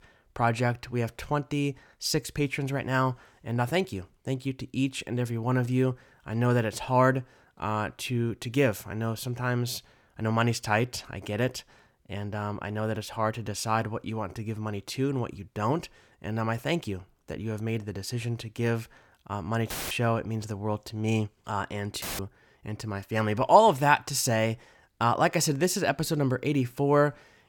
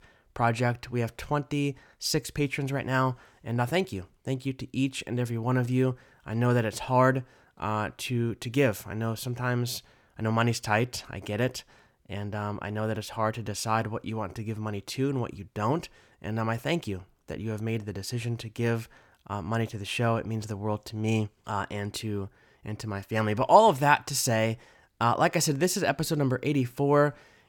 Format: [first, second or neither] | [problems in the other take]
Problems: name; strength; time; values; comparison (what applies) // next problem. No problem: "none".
second | audio cutting out; filled with static; at 20 s and at 22 s